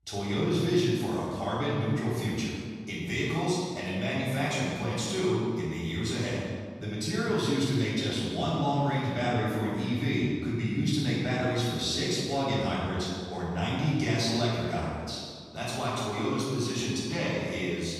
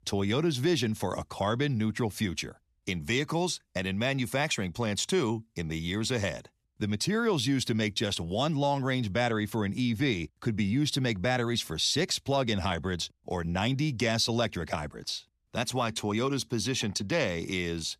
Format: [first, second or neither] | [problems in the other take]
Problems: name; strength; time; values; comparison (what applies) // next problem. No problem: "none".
second | room echo; strong; dies away in 1.6 s // off-mic speech; far